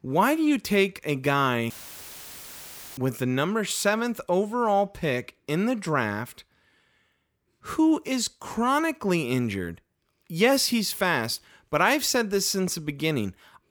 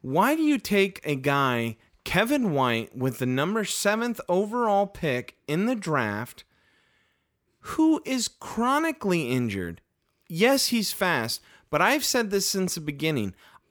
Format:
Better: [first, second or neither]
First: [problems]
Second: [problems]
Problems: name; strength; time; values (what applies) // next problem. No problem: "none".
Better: second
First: audio cutting out; filled with static; at 1.5 s for 1.5 s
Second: none